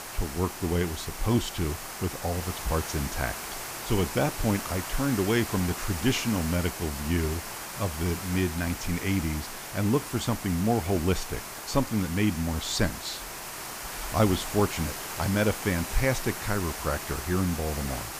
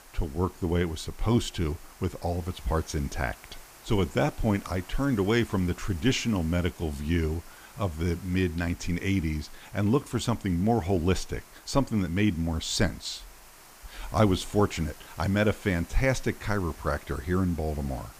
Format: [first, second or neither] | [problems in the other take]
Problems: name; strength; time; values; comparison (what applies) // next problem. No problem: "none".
second | hiss; loud; throughout; 6 dB below the speech; faint in the second